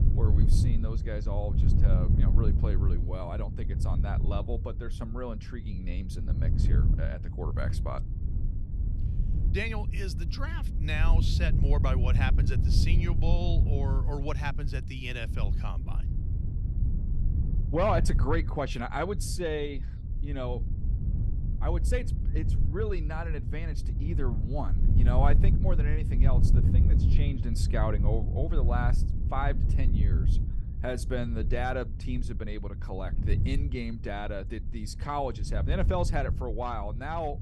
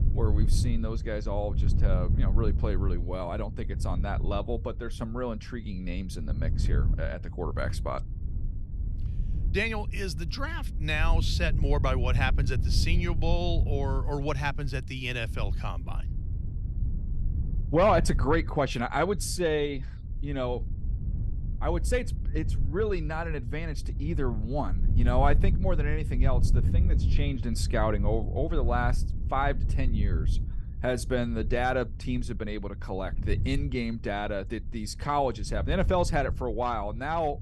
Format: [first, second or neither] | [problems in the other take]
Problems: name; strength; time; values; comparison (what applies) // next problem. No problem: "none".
second | wind noise on the microphone; heavy; 9 dB below the speech; occasional gusts in the second